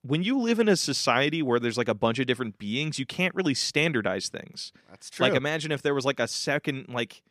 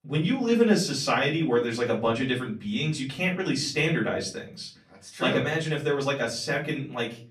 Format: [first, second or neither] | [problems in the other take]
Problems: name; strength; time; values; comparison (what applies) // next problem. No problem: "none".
first | off-mic speech; far // room echo; very slight; dies away in 0.4 s